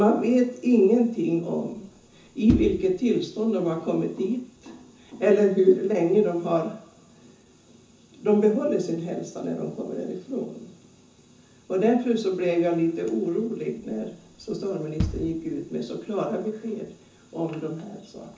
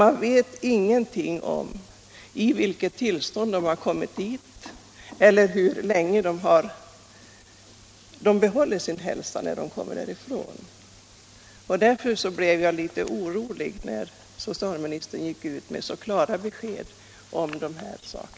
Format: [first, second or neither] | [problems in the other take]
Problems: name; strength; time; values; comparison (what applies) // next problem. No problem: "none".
second | background sound (Bass drum); 8 dB below the speech // room echo; dies away in 0.6 s